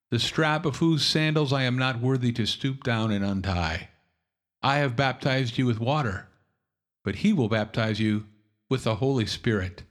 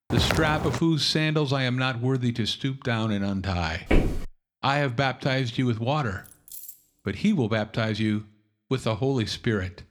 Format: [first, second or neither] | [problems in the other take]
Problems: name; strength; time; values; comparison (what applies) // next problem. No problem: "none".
first | footsteps; noticeable; at the start; peak level with the speech // footsteps; loud; at 4 s; peak 1 dB above the speech // jangling keys; faint; at 6 s; peak 15 dB below the speech